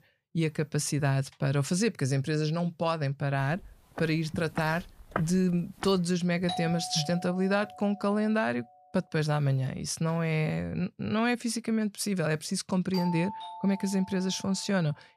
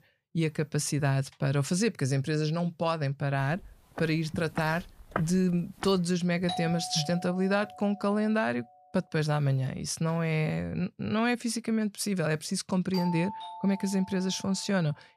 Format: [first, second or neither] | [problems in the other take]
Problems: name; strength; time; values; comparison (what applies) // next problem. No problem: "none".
neither | footsteps; noticeable; from 4 to 6 s; peak 8 dB below the speech; the same in both // doorbell; noticeable; from 6.5 to 8 s and from 13 to 15 s; peak 6 dB below the speech; the same in both